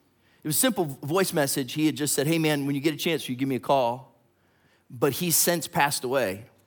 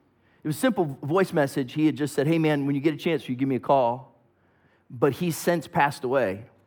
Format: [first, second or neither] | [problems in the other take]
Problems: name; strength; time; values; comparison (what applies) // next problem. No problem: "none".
first | muffled; slightly; fading above 3 kHz